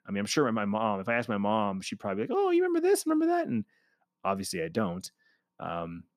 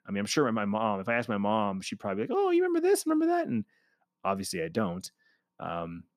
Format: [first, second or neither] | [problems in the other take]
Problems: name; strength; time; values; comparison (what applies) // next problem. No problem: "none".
neither | none